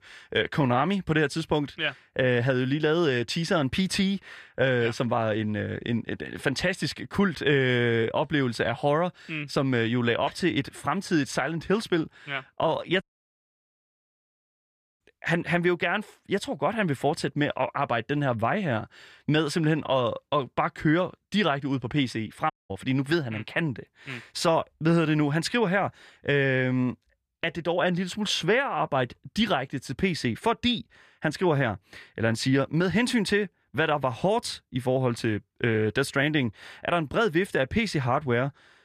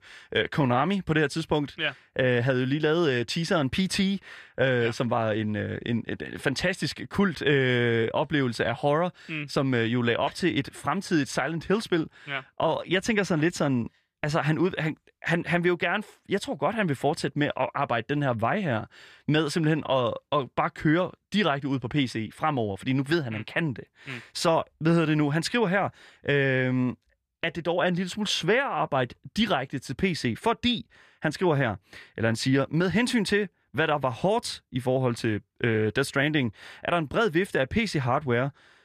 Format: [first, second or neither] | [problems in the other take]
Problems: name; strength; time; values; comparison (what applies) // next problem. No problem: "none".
second | audio cutting out; at 13 s for 2 s and at 23 s